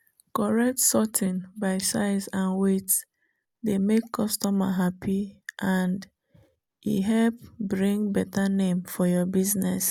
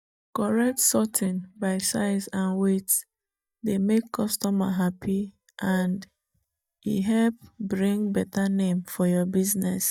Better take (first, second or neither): first